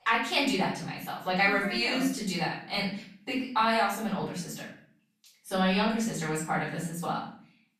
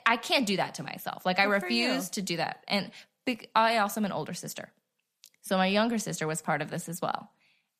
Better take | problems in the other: second | off-mic speech; far // room echo; noticeable; dies away in 0.5 s

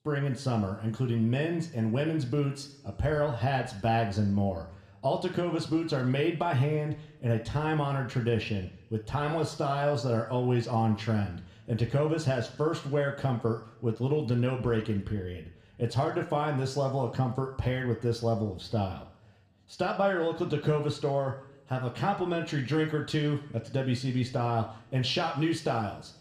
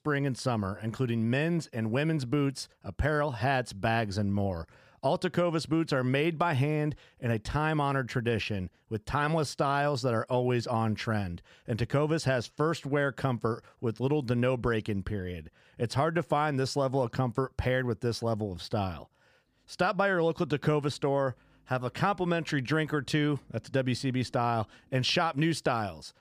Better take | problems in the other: second | room echo; slight; dies away in 0.7 s

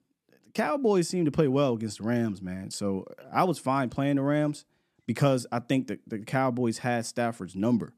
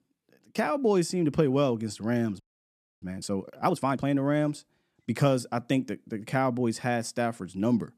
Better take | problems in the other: first | audio freezing; at 2.5 s for 0.5 s

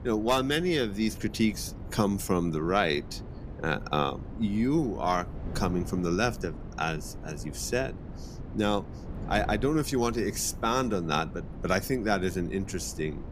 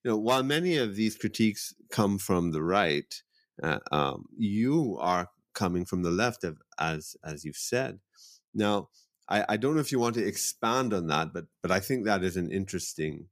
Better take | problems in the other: second | wind noise on the microphone; occasional gusts; 20 dB below the speech

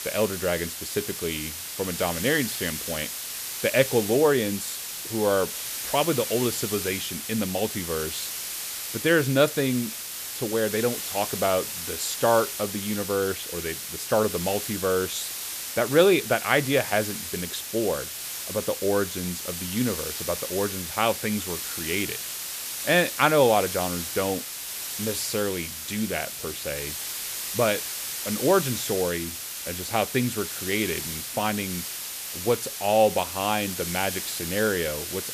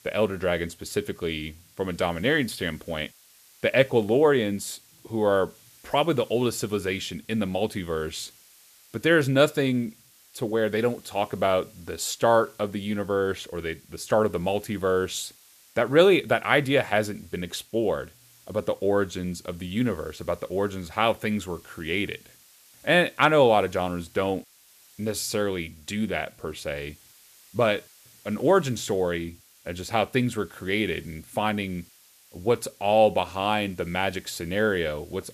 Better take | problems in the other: second | hiss; loud; throughout; 5 dB below the speech; faint in the second

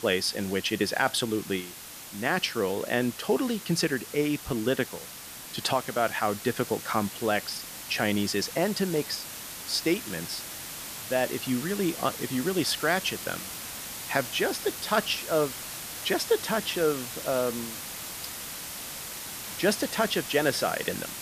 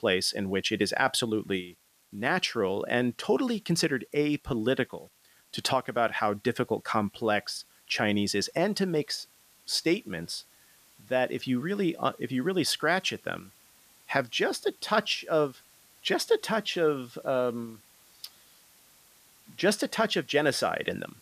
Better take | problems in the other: second | hiss; loud; throughout; 8 dB below the speech; faint in the second

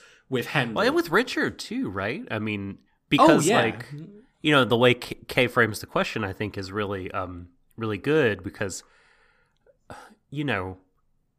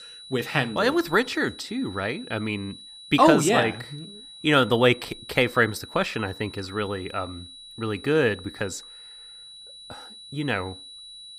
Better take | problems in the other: first | high-pitched whine; noticeable; throughout; 4 kHz, 15 dB below the speech

